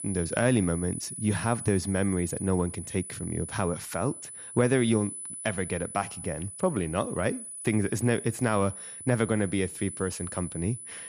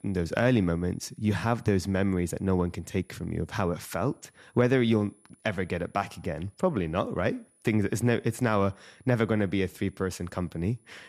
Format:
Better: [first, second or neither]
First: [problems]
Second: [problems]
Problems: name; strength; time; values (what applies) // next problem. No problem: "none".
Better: second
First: high-pitched whine; loud; throughout; 10 kHz, 9 dB below the speech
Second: high-pitched whine; faint; throughout; 10 kHz, 35 dB below the speech